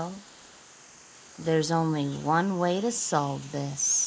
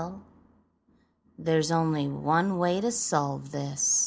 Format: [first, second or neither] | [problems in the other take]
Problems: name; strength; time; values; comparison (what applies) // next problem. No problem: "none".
second | noise reduction (neural mask model Resemble Enhance denoiser)